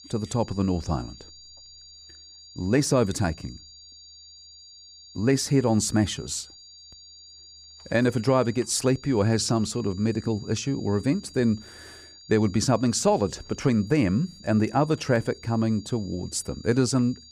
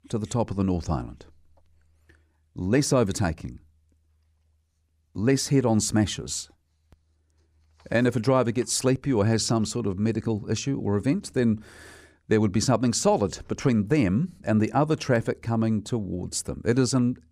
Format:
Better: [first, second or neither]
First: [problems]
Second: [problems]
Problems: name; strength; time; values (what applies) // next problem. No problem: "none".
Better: second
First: high-pitched whine; faint; throughout; 4.5 kHz, 20 dB below the speech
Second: none